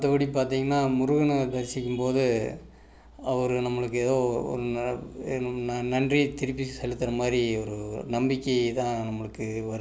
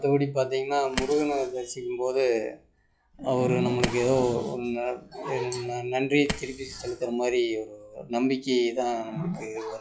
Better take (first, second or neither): first